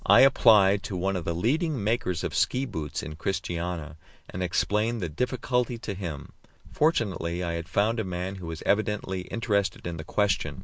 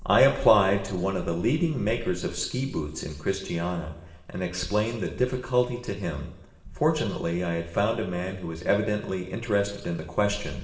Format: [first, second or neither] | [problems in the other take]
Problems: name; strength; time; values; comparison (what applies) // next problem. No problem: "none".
first | room echo; dies away in 1 s